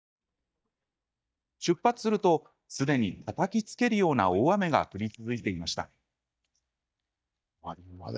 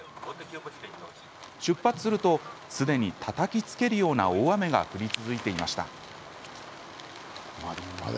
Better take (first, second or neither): second